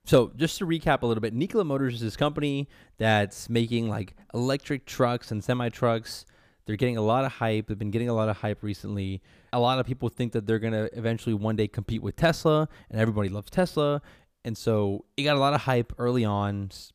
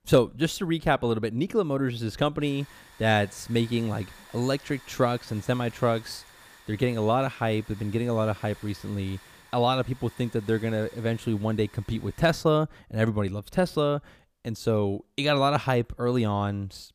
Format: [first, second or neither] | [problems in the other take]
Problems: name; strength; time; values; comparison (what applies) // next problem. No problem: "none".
first | hiss; faint; from 2.5 to 12 s; 25 dB below the speech